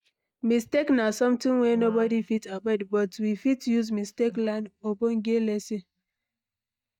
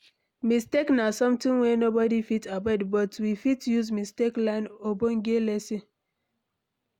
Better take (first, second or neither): second